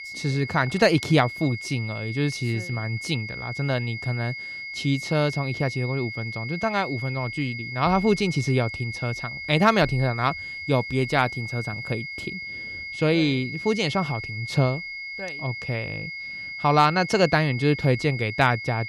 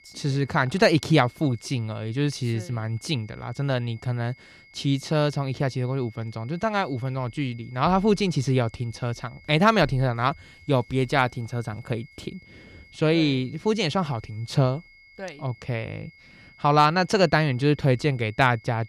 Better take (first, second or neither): second